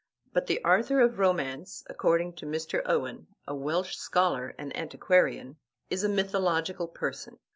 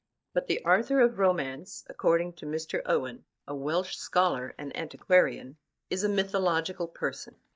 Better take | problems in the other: first | noise reduction (neural mask model DeepFilterNet 3)

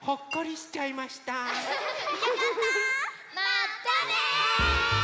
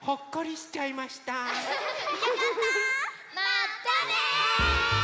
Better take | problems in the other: second | background sound (Chink, clink); 16 dB below the speech

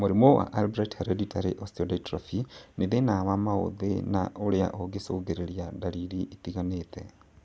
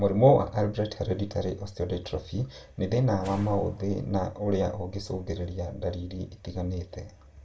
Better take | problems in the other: first | background sound (Whoosh, swoosh, swish); 19 dB below the speech // room echo; dies away in 0.2 s

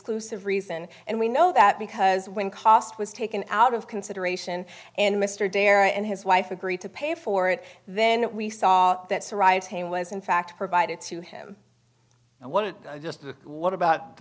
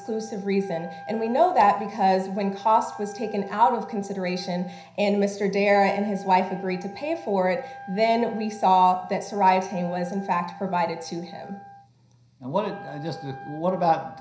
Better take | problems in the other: first | background sound (Wind instrument, woodwind instrument); 18 dB below the speech // room echo; dies away in 0.5 s

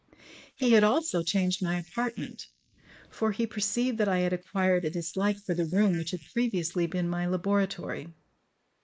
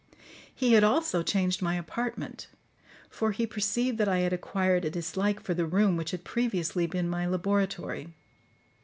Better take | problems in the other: second | noise reduction (neural mask model Resemble Enhance denoiser)

